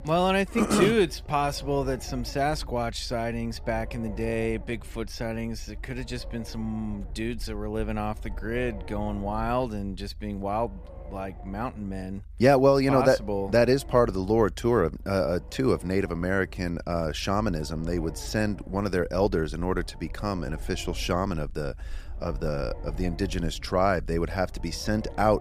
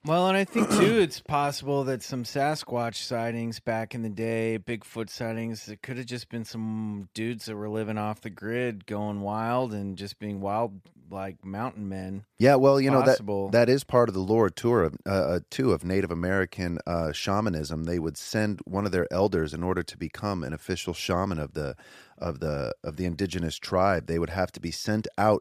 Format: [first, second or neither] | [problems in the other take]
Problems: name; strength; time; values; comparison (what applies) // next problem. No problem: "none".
second | low rumble; faint; throughout; 20 dB below the speech